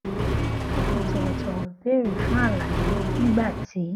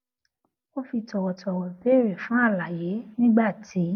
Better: second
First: background sound (Accelerating, revving, vroom); 2 dB above the speech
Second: none

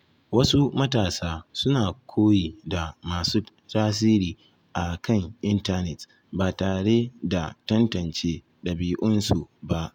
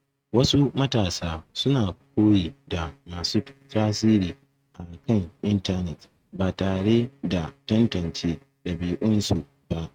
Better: first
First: none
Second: noise reduction (neural mask model RNNoise)

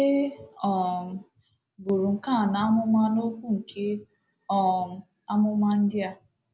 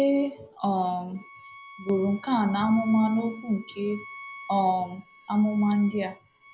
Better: first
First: none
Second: background sound (Bowed string instrument); 20 dB below the speech

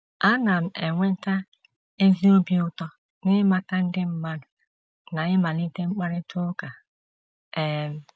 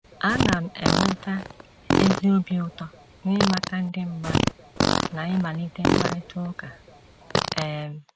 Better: first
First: none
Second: background sound (Fart); 1 dB above the speech

